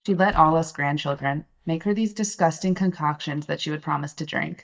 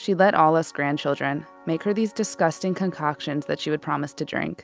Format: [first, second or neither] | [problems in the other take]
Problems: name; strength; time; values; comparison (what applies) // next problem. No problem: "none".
second | noise reduction (neural mask model DeepFilterNet 3)